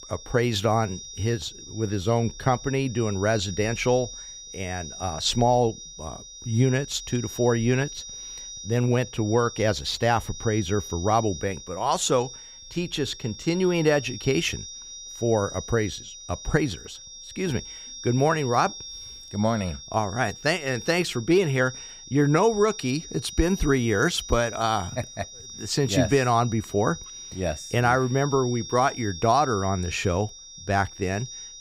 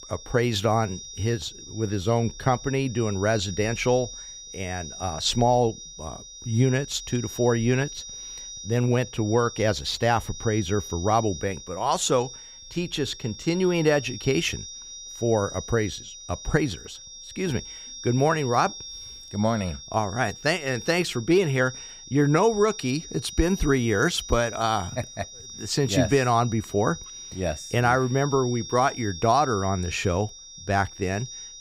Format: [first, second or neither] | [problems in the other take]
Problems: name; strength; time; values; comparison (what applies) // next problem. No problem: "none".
neither | high-pitched whine; noticeable; throughout; 5.5 kHz, 15 dB below the speech; the same in both